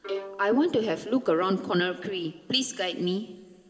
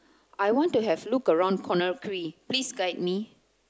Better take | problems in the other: second | background sound (Bowed string instrument); 14 dB below the speech // room echo; dies away in 1.5 s

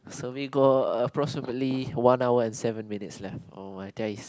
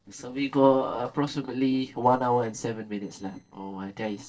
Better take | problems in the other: first | noise reduction (neural separator model SepFormer DNS4)

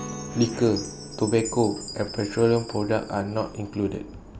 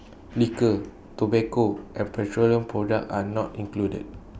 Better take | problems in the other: second | background sound (Chime + Guitar); 13 dB below the speech

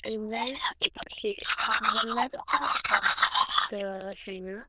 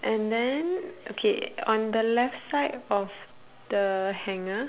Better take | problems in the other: second | noise reduction (neural diffusion model UNIVERSE++)

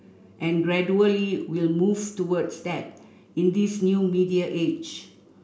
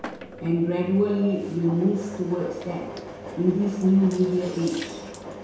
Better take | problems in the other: first | background sound (Engine); 13 dB below the speech // room echo; dies away in 0.7 s

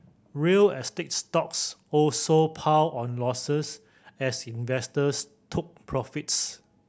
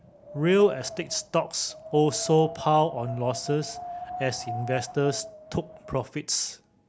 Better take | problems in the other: first | background sound (Wind); 13 dB below the speech

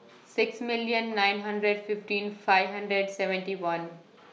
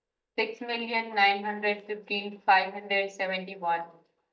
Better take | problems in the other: first | noise reduction (neural mask model DeepFilterNet 3)

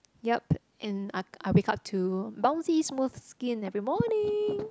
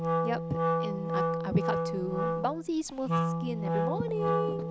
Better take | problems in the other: first | background sound (Wind instrument, woodwind instrument); 4 dB above the speech

